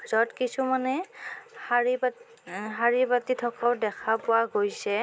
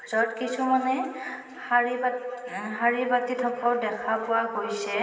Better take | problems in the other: first | room echo; dies away in 2.3 s

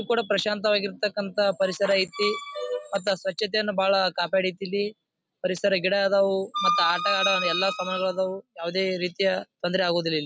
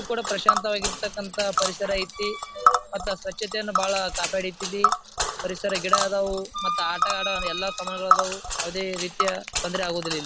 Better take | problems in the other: first | background sound (Tick); 1 dB above the speech

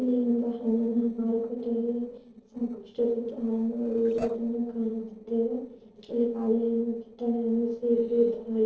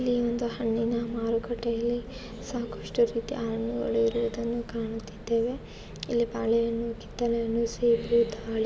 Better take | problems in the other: second | noise reduction (neural separator model SepFormer DNS4)

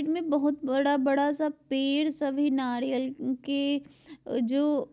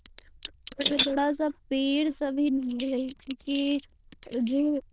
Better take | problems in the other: first | noise reduction (neural diffusion model UNIVERSE++)

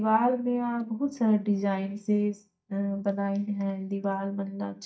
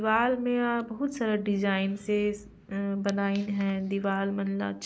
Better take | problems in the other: second | noise reduction (neural mask model DeepFilterNet 3)

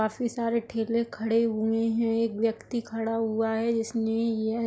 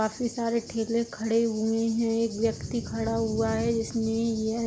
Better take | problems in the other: first | background sound (Thunder / Cricket); 12 dB below the speech

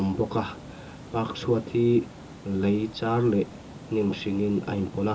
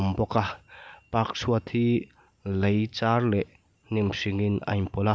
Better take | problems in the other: second | background sound (Water); 16 dB below the speech // room echo; dies away in 0.2 s

